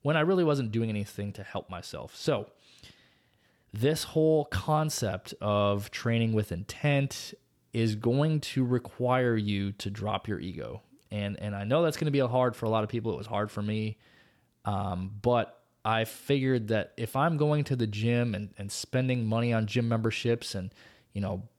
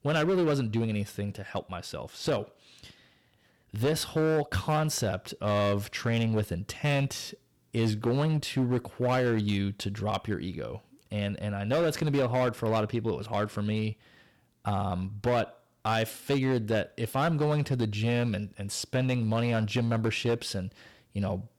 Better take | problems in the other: first | distortion; slight; 7% of the sound clipped

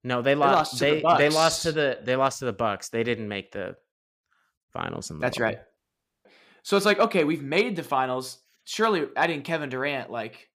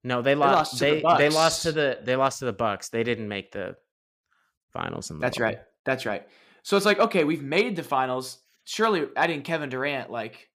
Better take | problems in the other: second | audio cutting out; at 6 s

